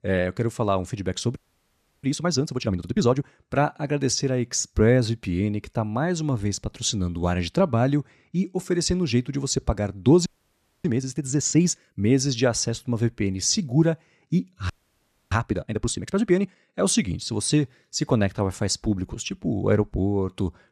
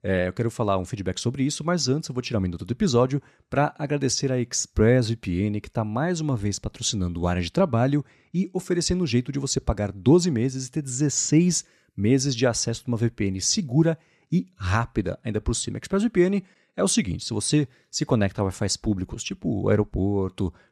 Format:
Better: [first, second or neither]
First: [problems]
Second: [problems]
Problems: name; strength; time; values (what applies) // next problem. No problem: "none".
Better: second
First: audio freezing; at 1.5 s for 0.5 s, at 10 s for 0.5 s and at 15 s for 0.5 s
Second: none